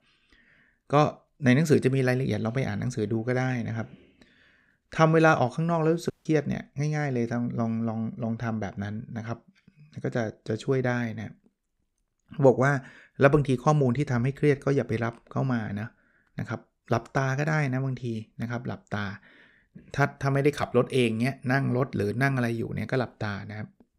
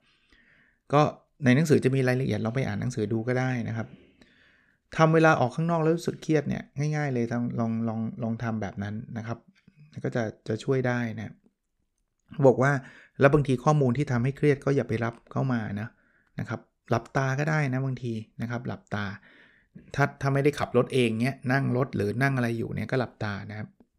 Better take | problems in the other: second | audio cutting out; at 6 s

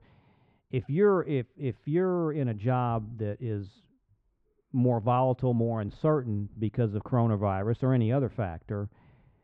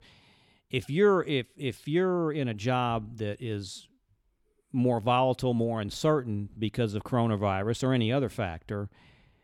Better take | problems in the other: second | muffled; very; fading above 1.5 kHz

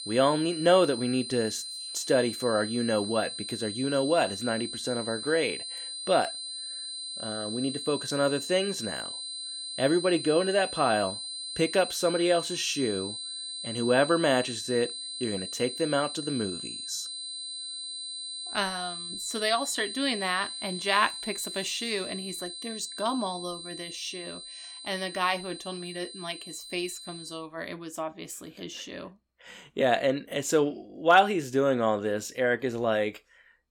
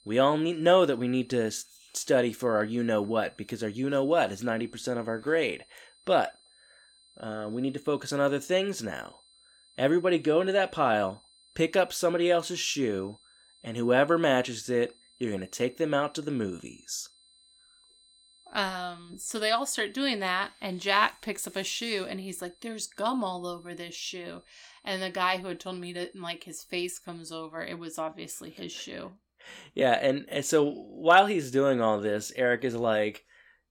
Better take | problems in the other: second | high-pitched whine; loud; until 27 s; 4 kHz, 7 dB below the speech; faint in the second

